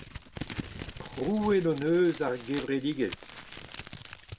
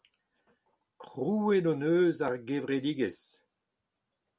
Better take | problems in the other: second | background sound (Crumpling, crinkling); 13 dB below the speech

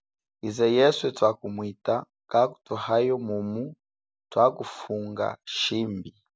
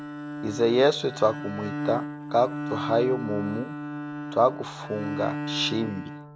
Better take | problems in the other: first | background sound (Bowed string instrument); 7 dB below the speech

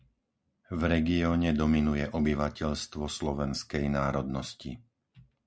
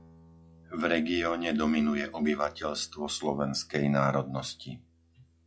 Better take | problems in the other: first | noise reduction (classical method log-MMSE)

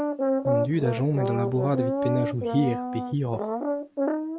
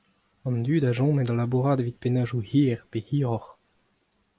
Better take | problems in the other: second | background sound (Brass instrument); as loud as the speech

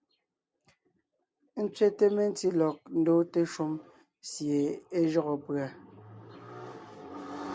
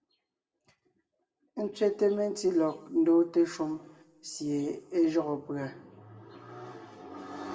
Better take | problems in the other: first | room echo; dies away in 0.7 s

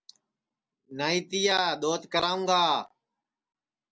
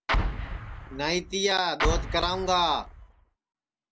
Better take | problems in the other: first | background sound (Explosion); 2 dB below the speech

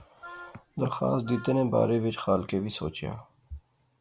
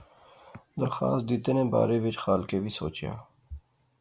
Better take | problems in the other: second | background sound (Wind instrument, woodwind instrument); 18 dB below the speech

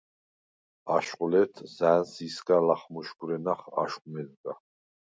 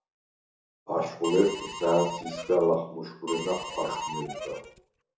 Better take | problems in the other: first | background sound (Harmonica); 8 dB below the speech // room echo; dies away in 0.6 s

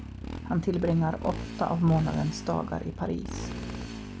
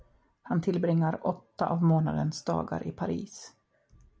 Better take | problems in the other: second | background sound (Motorcycle); 8 dB below the speech

